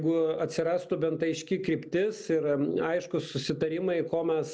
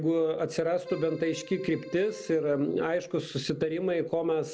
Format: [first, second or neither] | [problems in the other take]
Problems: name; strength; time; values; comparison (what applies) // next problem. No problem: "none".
first | background sound (Keyboard (musical)); 20 dB below the speech